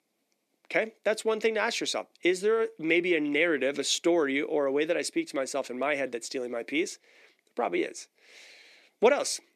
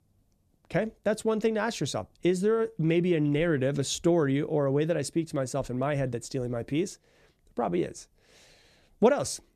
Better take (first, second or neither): second